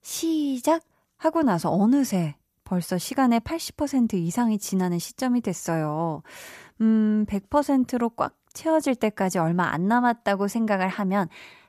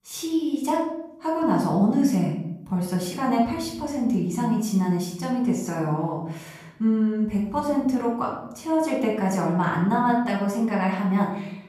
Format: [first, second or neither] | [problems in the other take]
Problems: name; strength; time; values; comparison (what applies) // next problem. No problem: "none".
first | off-mic speech; far // room echo; noticeable; dies away in 0.7 s